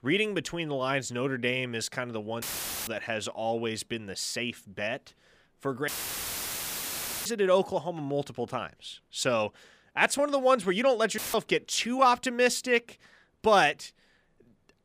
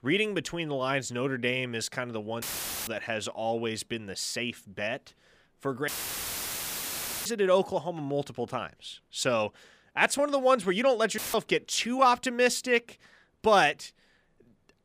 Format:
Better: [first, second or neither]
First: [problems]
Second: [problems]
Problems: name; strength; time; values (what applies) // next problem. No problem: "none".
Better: neither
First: audio cutting out; filled with static; at 2.5 s, at 6 s for 1.5 s and at 11 s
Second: audio cutting out; filled with static; at 2.5 s, at 6 s for 1.5 s and at 11 s